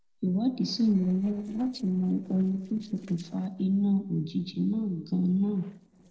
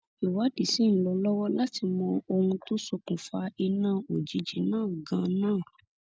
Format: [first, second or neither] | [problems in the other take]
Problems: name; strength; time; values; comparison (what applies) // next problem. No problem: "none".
second | noise reduction (neural separator model SepFormer DNS4)